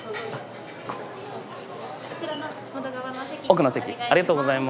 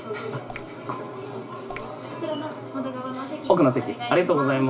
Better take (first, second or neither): first